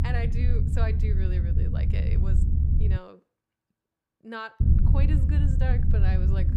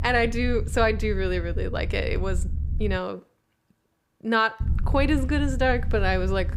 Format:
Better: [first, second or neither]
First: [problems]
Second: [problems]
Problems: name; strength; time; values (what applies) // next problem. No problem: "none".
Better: second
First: low rumble; loud; until 3 s and from 4.5 s on; 1 dB below the speech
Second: low rumble; faint; until 3 s and from 4.5 s on; 20 dB below the speech